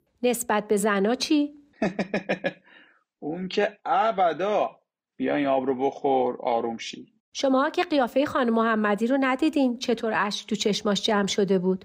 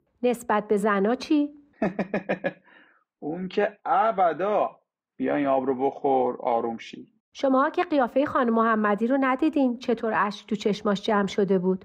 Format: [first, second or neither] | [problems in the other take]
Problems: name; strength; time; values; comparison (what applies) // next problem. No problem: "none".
first | muffled; slightly; fading above 3 kHz